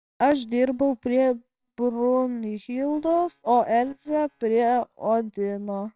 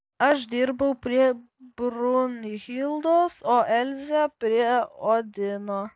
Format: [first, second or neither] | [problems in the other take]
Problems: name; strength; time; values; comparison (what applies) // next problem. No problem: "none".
second | noise reduction (neural separator model SepFormer WHAMR!)